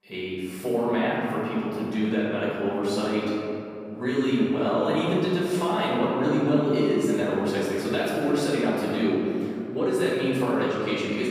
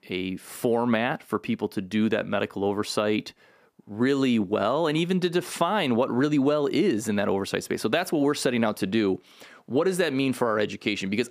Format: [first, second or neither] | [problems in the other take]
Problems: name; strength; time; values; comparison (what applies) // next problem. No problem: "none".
second | off-mic speech; far // room echo; strong; dies away in 2.5 s